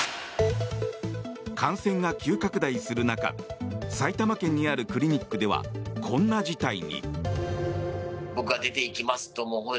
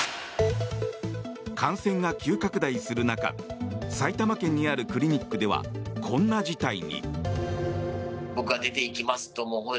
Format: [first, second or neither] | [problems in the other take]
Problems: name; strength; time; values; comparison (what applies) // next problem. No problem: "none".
first | background sound (Wind instrument, woodwind instrument); 16 dB below the speech